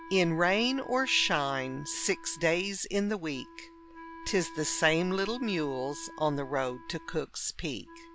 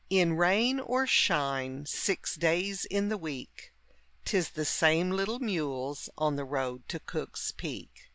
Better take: second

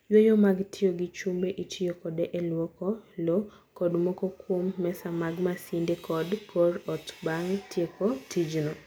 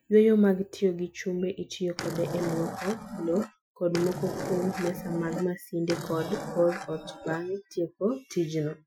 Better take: first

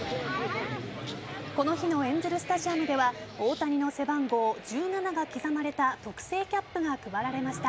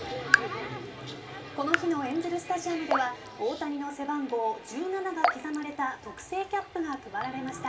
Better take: first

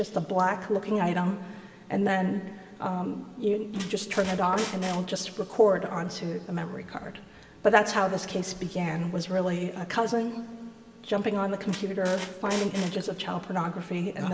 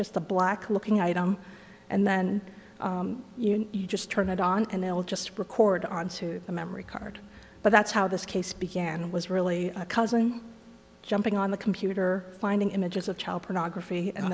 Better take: second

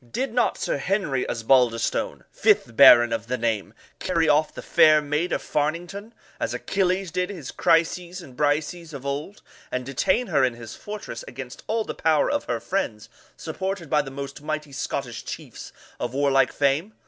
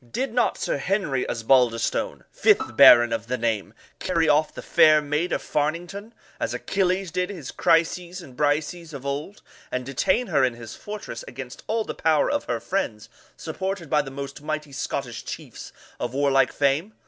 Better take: first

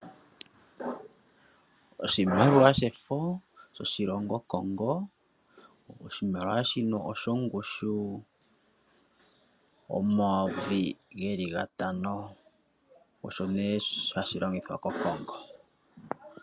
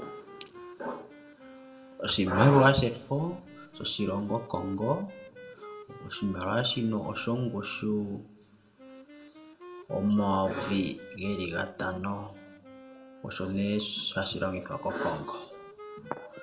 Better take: first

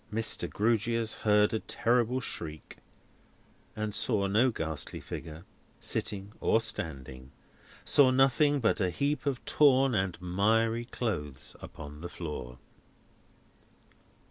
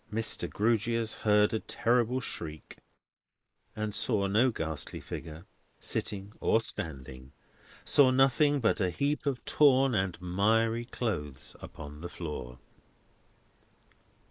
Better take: first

